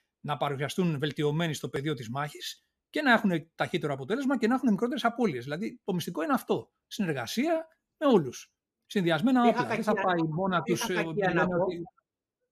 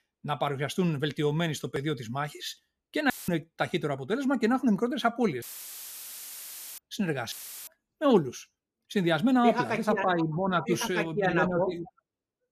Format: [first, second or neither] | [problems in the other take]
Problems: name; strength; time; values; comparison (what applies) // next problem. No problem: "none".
first | audio cutting out; filled with static; at 3 s, at 5.5 s for 1.5 s and at 7.5 s